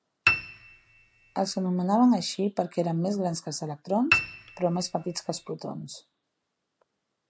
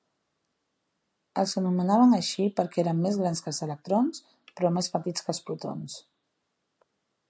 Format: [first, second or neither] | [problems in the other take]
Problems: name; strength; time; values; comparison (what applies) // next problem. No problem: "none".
second | background sound (Piano); 2 dB below the speech